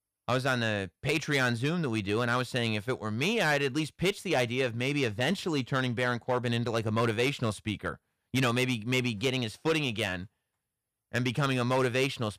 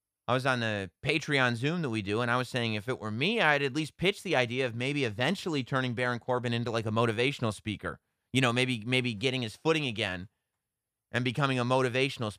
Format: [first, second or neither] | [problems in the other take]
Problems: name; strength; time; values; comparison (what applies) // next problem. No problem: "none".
second | distortion; slight; 5% of the sound clipped